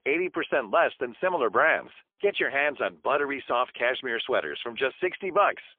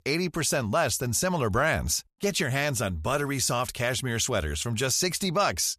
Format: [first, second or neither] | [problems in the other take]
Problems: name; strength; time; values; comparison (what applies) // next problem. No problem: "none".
second | phone-call audio; poor line; nothing above 3.5 kHz